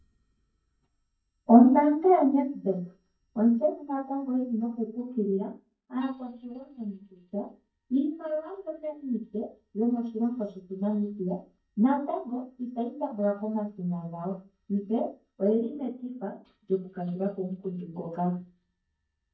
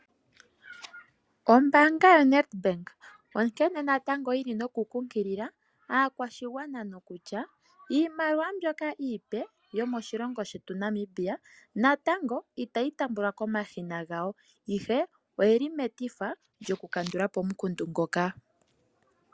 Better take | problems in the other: second | noise reduction (neural mask model DeepFilterNet 3)

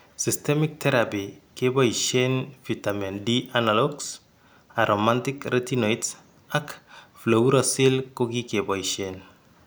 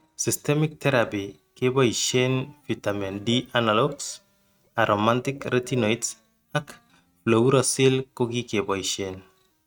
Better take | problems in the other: first | noise reduction (neural mask model RNNoise)

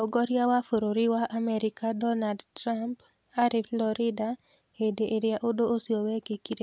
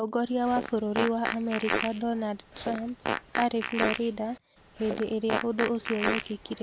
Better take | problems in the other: first | background sound (Fart); 4 dB below the speech

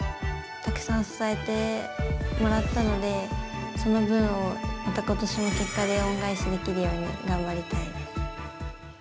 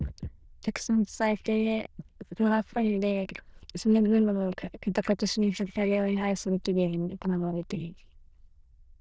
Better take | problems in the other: first | noise reduction (neural diffusion model UNIVERSE++)

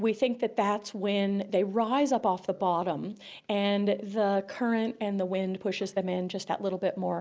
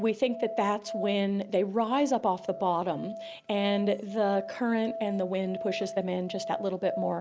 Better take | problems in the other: first | background sound (Musical instrument); 11 dB below the speech

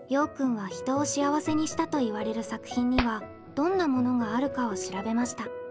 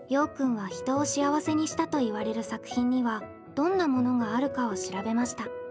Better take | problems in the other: second | background sound (Hands); 14 dB below the speech

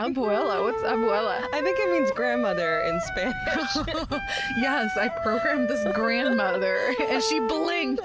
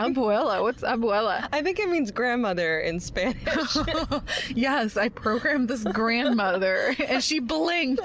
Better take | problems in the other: second | background sound (Wind instrument, woodwind instrument); 2 dB below the speech

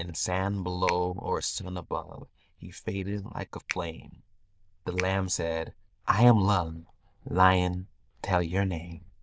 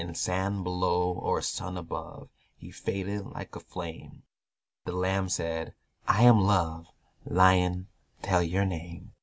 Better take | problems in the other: second | noise reduction (neural diffusion model UNIVERSE++)

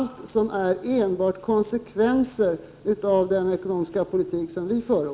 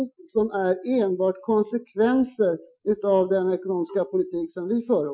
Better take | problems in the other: first | noise reduction (classical method Wiener filter)

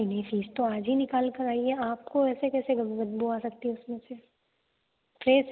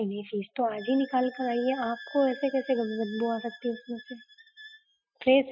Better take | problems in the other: first | noise reduction (classical method Wiener filter)

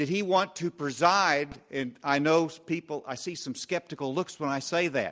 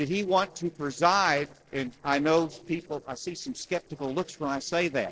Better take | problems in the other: first | noise reduction (neural separator model SepFormer DNS4)

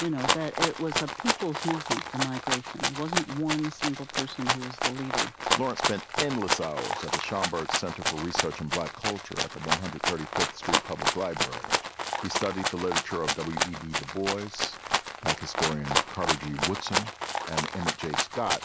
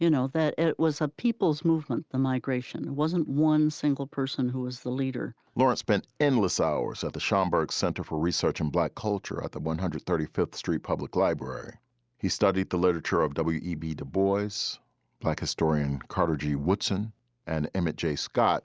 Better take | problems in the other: second | background sound (Rattle (instrument)); 3 dB above the speech

